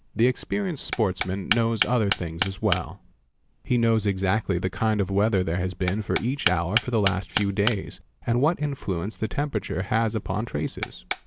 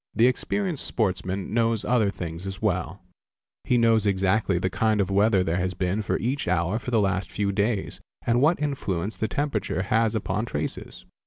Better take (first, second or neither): second